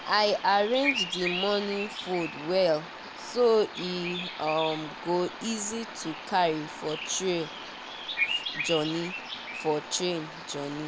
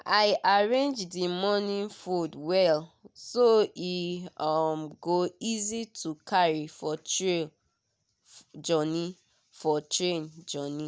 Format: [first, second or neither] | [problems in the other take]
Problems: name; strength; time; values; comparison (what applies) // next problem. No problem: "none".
second | background sound (Bird vocalization, bird call, bird song); 7 dB below the speech